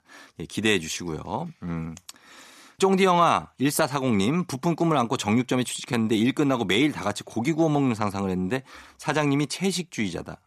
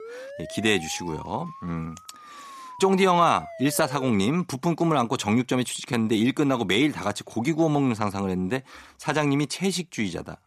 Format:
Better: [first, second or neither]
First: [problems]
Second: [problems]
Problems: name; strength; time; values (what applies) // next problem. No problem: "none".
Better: first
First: none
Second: siren; faint; until 4 s; peak 15 dB below the speech